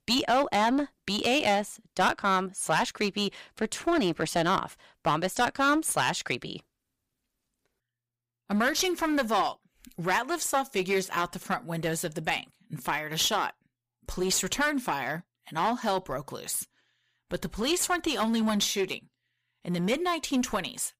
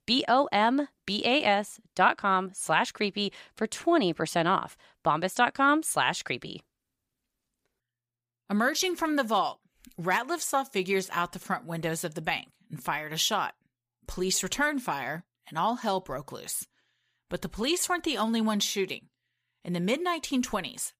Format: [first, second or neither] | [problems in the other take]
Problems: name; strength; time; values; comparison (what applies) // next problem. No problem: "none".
second | distortion; slight; 6% of the sound clipped